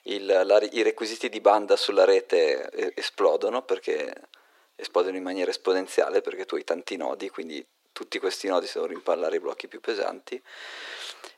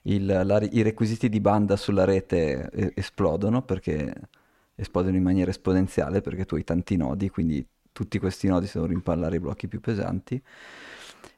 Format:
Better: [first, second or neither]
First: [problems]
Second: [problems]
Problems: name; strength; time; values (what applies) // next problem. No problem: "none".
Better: second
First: thin; very; fading below 350 Hz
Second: none